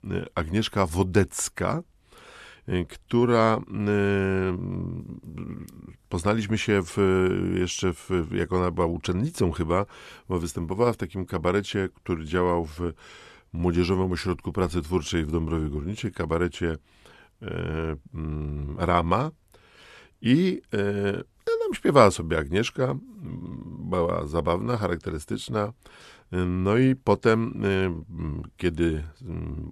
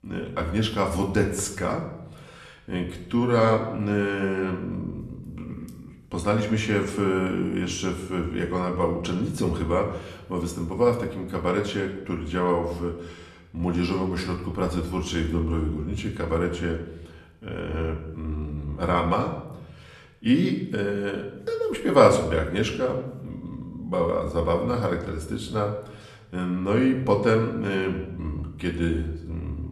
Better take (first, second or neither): first